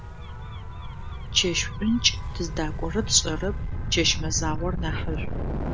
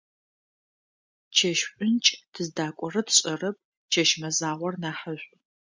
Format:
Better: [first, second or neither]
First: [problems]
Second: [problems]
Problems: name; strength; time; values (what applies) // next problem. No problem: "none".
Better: second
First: background sound (Gull, seagull / Waves, surf / Siren); 2 dB below the speech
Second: none